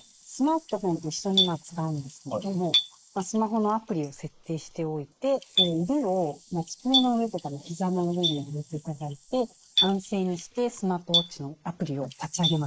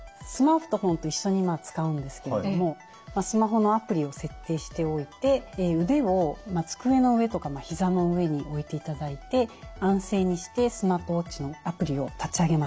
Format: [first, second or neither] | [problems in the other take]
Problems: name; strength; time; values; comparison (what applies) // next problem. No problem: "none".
second | noise reduction (neural mask model Resemble Enhance denoiser)